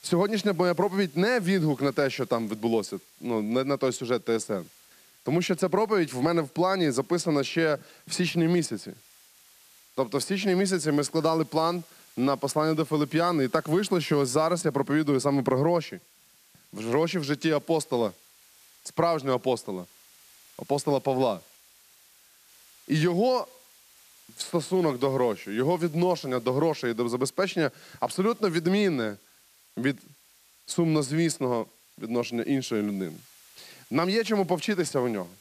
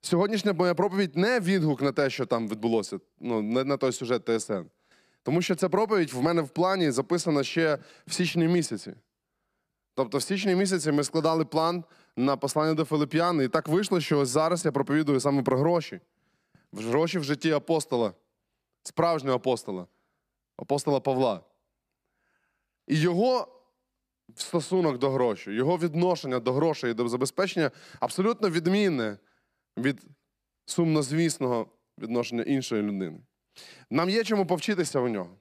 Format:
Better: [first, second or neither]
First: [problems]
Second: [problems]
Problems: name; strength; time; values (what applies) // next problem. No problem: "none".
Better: second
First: hiss; faint; throughout; 25 dB below the speech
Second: none